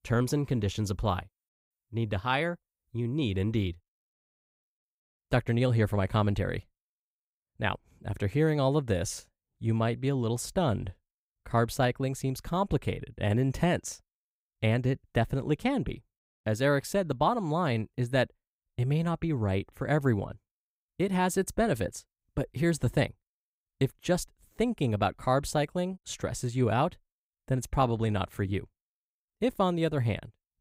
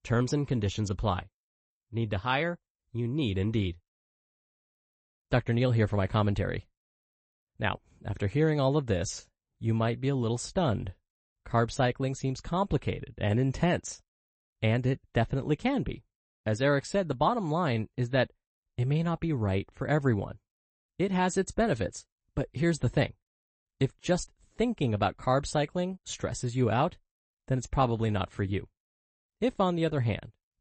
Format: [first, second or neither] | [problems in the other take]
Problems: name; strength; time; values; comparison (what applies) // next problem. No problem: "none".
first | garbled, watery; slightly; nothing above 8 kHz